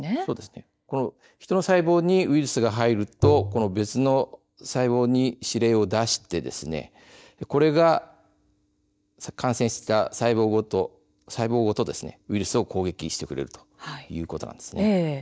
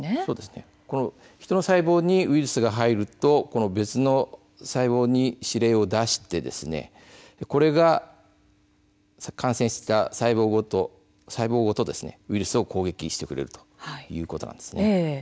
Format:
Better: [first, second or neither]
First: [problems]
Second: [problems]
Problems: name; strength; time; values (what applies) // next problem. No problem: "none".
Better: second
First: noise reduction (neural mask model DeepFilterNet 3)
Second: none